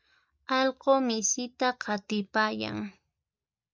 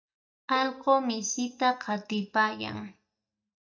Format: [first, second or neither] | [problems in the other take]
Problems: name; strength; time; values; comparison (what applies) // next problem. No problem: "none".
first | noise reduction (neural mask model DeepFilterNet 3)